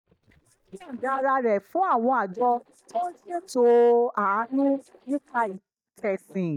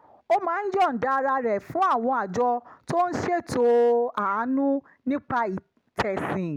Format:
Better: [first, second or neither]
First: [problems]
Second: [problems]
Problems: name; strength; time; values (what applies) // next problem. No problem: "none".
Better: second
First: noise reduction (neural mask model DeepFilterNet 3)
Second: none